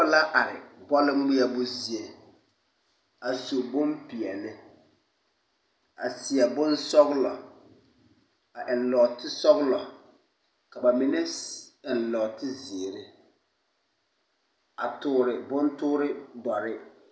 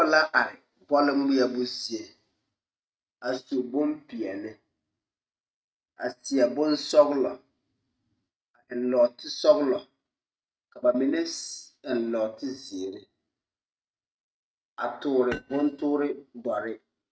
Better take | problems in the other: first | noise reduction (neural mask model RNNoise)

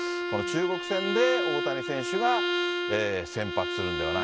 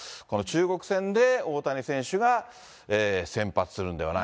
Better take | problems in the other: second | background sound (Bowed string instrument); as loud as the speech

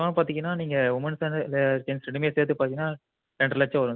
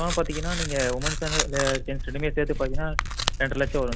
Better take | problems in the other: first | background sound (Tearing); as loud as the speech

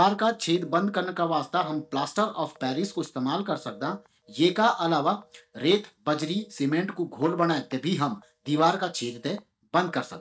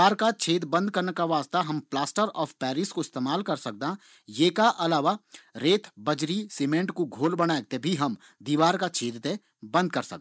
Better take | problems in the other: second | noise reduction (neural mask model DeepFilterNet 3)

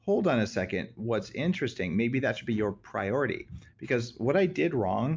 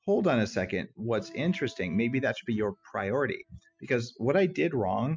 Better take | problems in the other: first | noise reduction (classical method spectral subtraction)

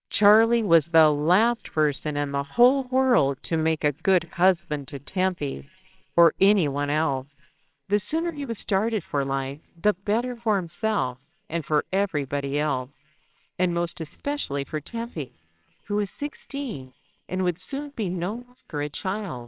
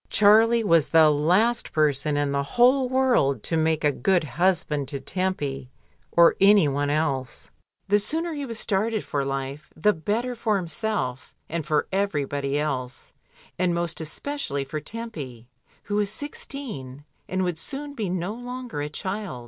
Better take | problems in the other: second | noise reduction (neural separator model SepFormer WHAMR!)

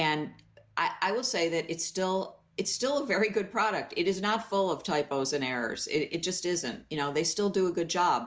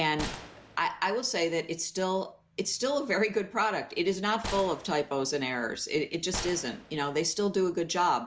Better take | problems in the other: first | background sound (Gunshot, gunfire); 14 dB below the speech

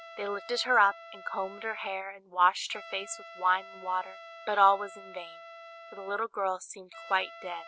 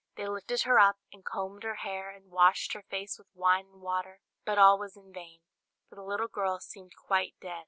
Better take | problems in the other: second | background sound (Trumpet); 17 dB below the speech

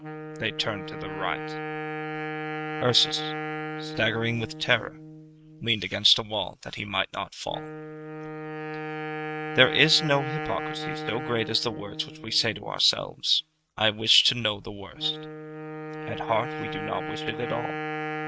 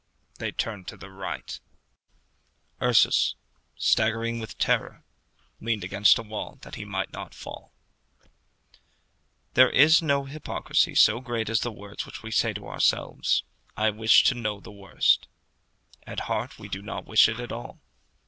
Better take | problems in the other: second | noise reduction (neural mask model RNNoise)

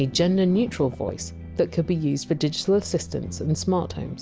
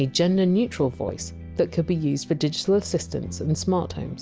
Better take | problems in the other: second | background sound (Thunder); 20 dB below the speech

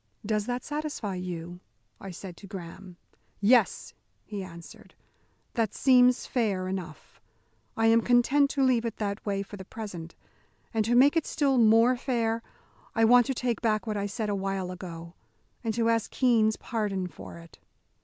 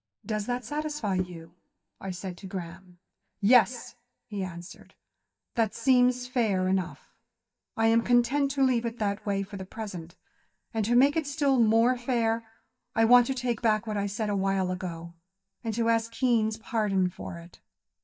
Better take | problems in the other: first | noise reduction (neural mask model DeepFilterNet 3)

